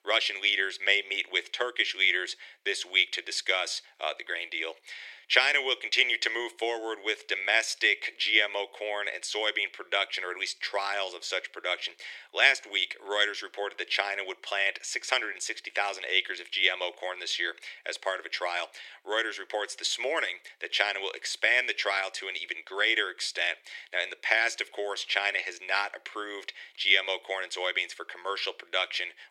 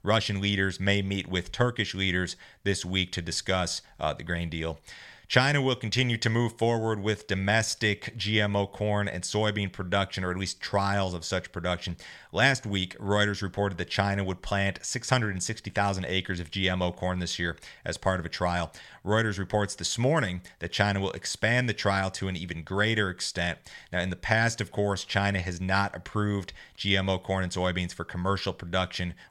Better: second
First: thin; very; fading below 350 Hz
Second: none

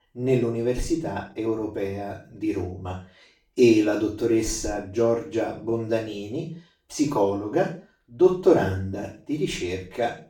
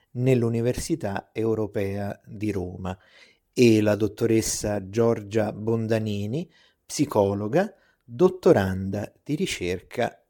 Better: second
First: room echo; noticeable; dies away in 0.3 s // off-mic speech; far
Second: none

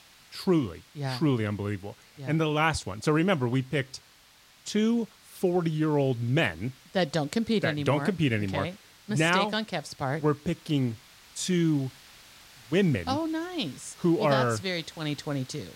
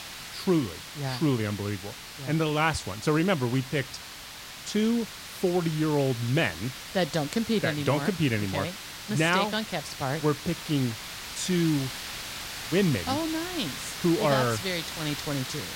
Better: first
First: hiss; faint; throughout; 25 dB below the speech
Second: hiss; loud; throughout; 9 dB below the speech

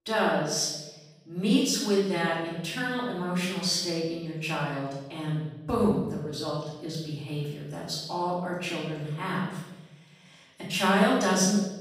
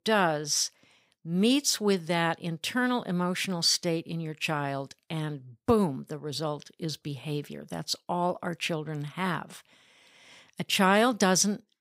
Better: second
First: room echo; noticeable; dies away in 1 s // off-mic speech; far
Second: none

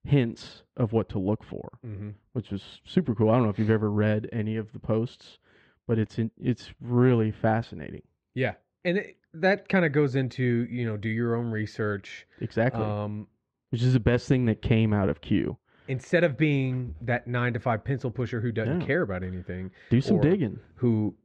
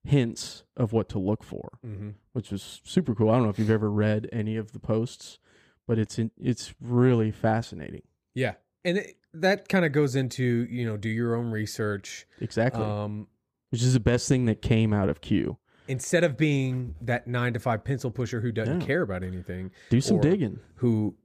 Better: second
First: muffled; slightly; fading above 2.5 kHz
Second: none

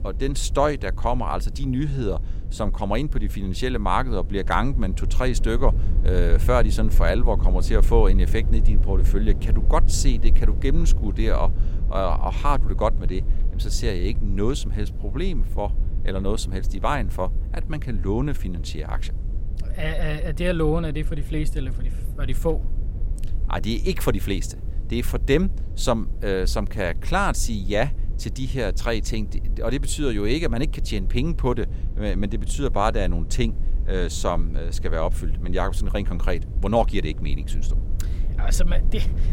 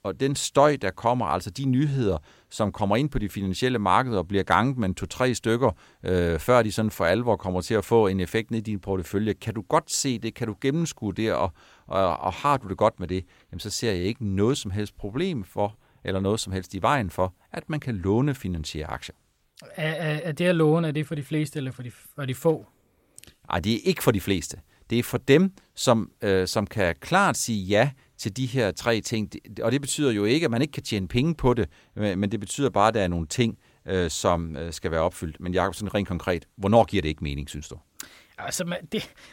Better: second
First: low rumble; noticeable; throughout; 20 dB below the speech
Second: none

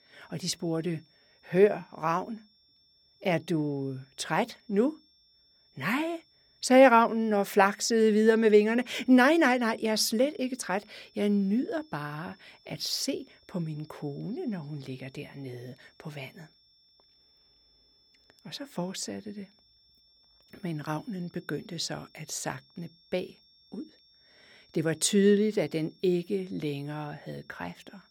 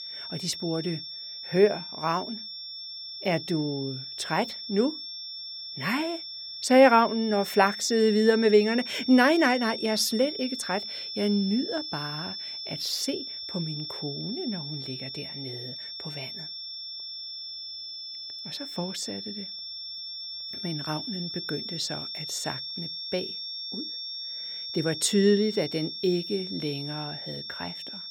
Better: first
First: high-pitched whine; faint; throughout; 5.5 kHz, 35 dB below the speech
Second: high-pitched whine; loud; throughout; 5.5 kHz, 8 dB below the speech

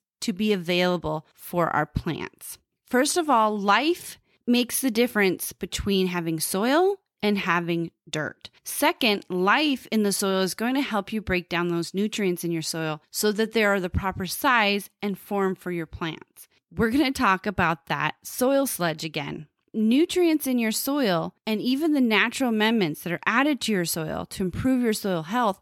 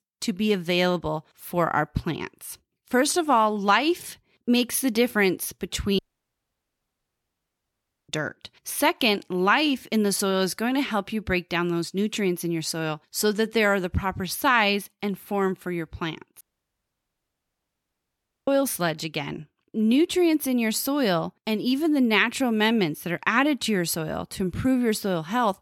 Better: first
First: none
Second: audio cutting out; at 6 s for 2 s and at 16 s for 2 s

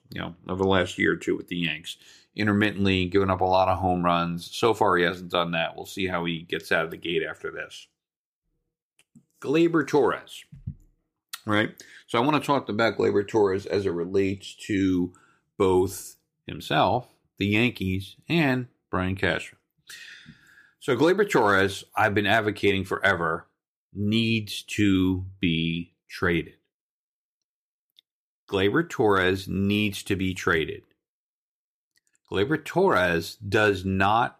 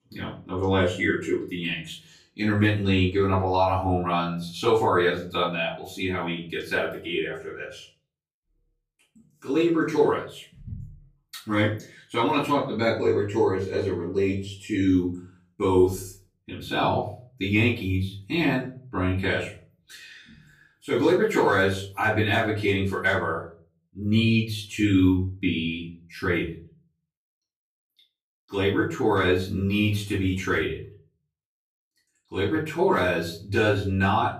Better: first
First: none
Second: off-mic speech; far // room echo; slight; dies away in 0.4 s

